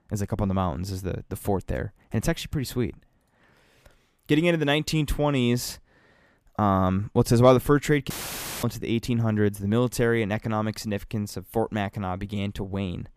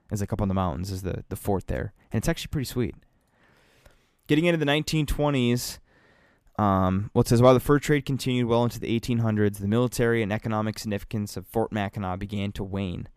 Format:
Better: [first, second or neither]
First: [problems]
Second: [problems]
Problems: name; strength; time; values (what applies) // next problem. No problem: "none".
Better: second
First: audio cutting out; filled with static; at 8 s for 0.5 s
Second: none